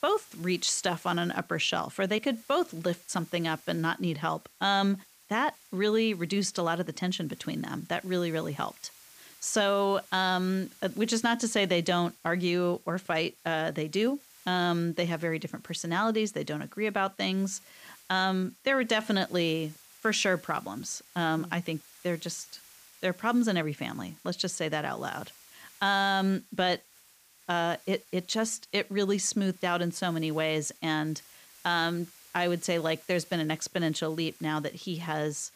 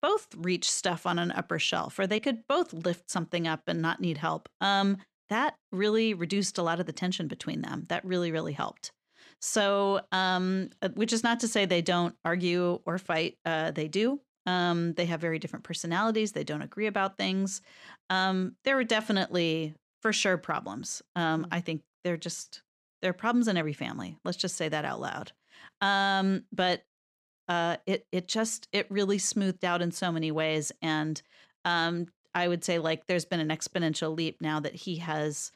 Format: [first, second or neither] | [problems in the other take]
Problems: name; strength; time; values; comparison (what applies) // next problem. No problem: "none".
second | hiss; faint; throughout; 25 dB below the speech